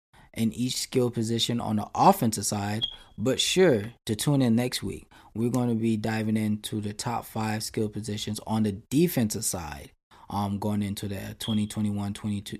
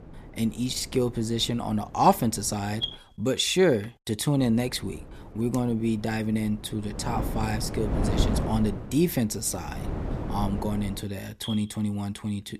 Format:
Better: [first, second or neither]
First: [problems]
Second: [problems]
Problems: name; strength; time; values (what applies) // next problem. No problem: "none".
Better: first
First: none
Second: wind noise on the microphone; occasional gusts; until 3 s and from 4.5 to 11 s; 10 dB below the speech